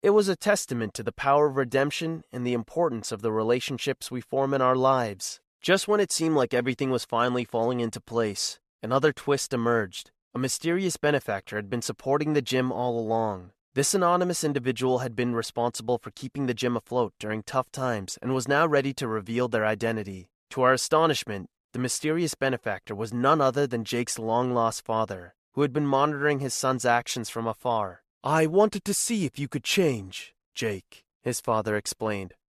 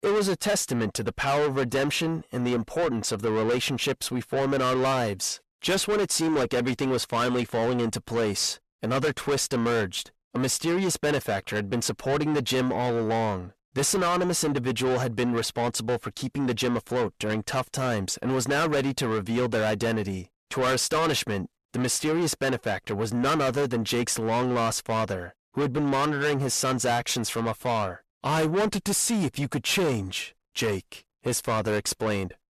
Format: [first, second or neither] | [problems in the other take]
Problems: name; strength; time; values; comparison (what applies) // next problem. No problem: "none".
first | distortion; heavy; 6 dB below the speech